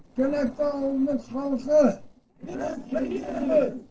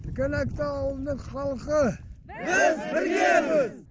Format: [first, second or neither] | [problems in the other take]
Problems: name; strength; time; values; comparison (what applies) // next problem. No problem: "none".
second | noise reduction (neural separator model SepFormer DNS4)